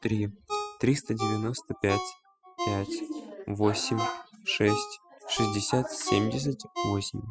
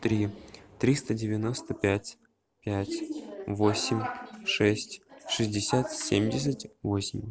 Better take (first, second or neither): second